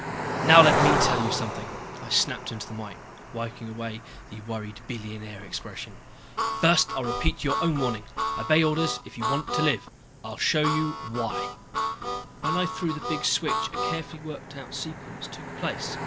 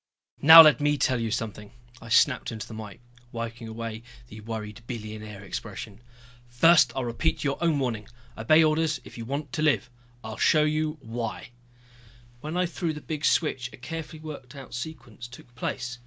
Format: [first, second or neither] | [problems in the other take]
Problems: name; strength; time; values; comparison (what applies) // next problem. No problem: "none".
second | background sound (Cricket + Harmonica); 3 dB below the speech